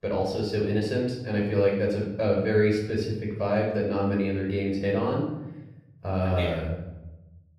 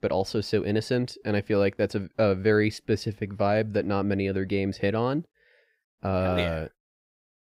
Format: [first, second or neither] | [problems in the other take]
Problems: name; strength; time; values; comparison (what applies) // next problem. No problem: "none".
second | off-mic speech; far // room echo; noticeable; dies away in 1 s